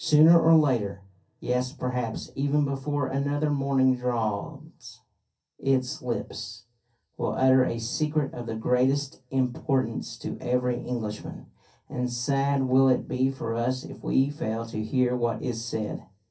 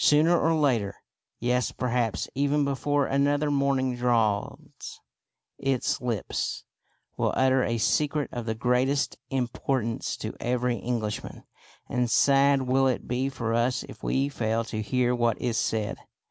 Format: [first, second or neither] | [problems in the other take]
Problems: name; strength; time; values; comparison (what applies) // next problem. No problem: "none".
second | room echo; dies away in 0.3 s